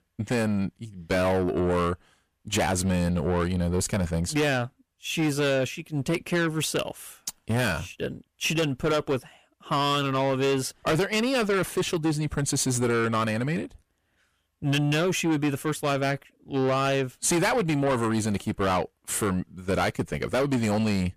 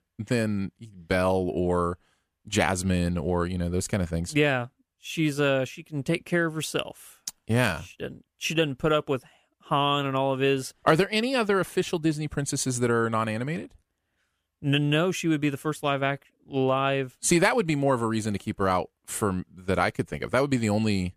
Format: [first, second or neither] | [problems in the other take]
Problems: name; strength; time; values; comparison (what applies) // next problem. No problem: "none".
second | distortion; heavy; 7 dB below the speech